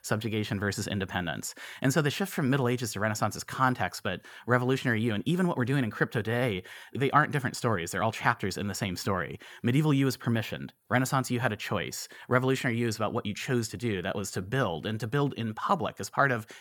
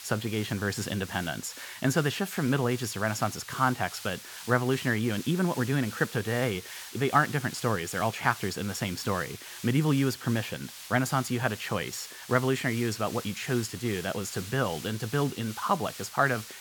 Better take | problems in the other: first | hiss; noticeable; throughout; 15 dB below the speech

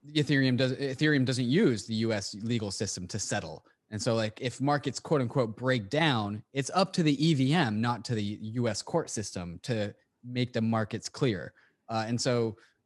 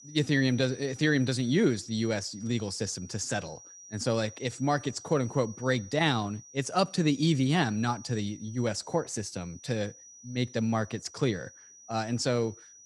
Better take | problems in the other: first | high-pitched whine; noticeable; throughout; 6 kHz, 20 dB below the speech

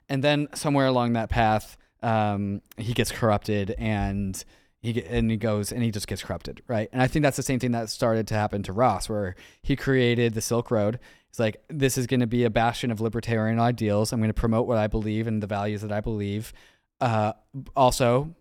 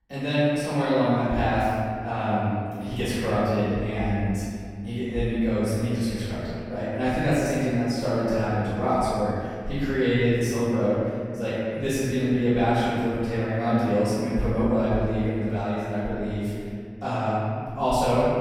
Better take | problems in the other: first | off-mic speech; far // room echo; strong; dies away in 2.1 s

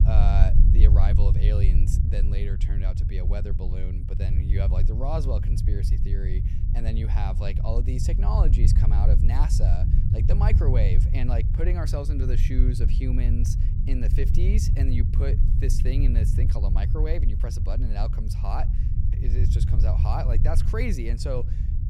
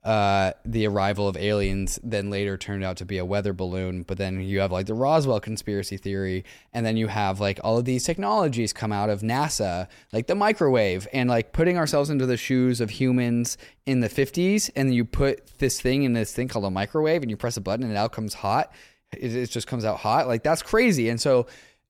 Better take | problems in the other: second | low rumble; loud; throughout; 4 dB below the speech

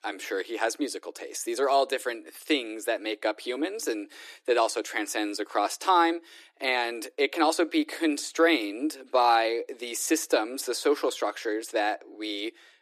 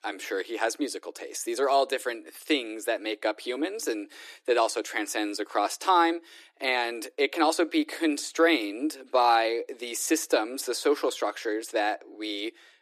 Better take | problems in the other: neither | thin; somewhat; fading below 300 Hz; the same in both

